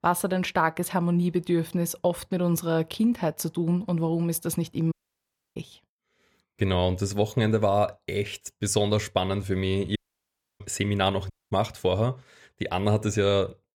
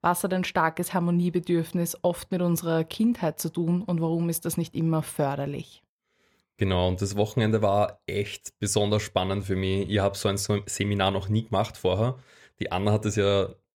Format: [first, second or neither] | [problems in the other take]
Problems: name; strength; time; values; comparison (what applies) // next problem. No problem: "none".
second | audio cutting out; at 5 s for 0.5 s, at 10 s for 0.5 s and at 11 s